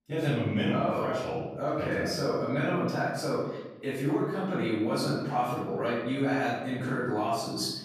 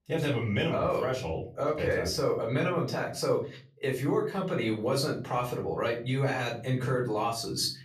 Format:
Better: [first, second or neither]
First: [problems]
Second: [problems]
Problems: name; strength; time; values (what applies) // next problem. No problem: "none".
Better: second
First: room echo; strong; dies away in 0.9 s // off-mic speech; far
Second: room echo; slight; dies away in 0.3 s // off-mic speech; far